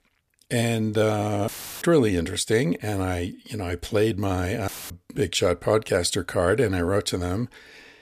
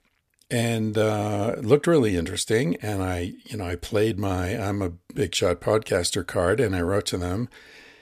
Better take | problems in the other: second | audio cutting out; filled with static; at 1.5 s and at 4.5 s

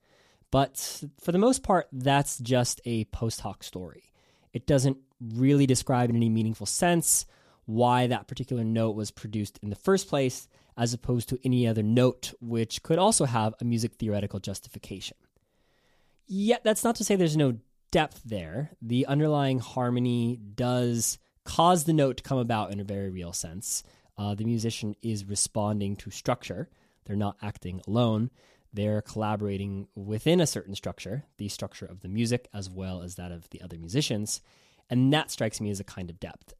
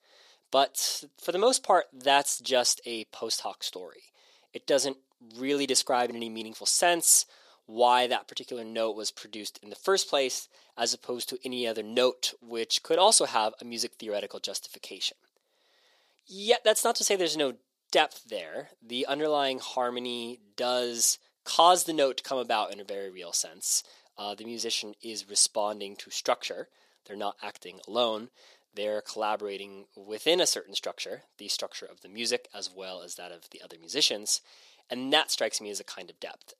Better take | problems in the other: first | thin; very; fading below 400 Hz

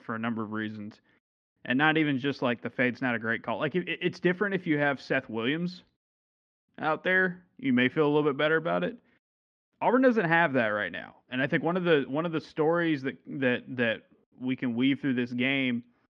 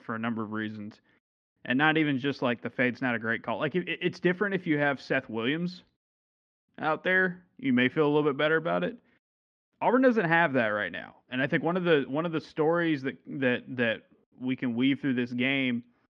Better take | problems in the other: neither | muffled; very slightly; fading above 4 kHz; the same in both

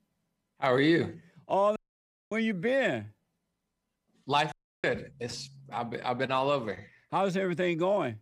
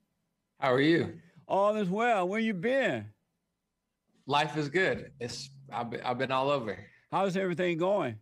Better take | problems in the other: second | audio cutting out; at 2 s for 0.5 s and at 4.5 s

